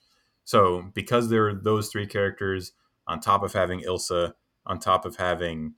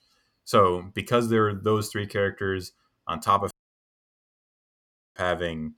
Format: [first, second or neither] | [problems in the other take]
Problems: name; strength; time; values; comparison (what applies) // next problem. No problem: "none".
first | audio cutting out; at 3.5 s for 1.5 s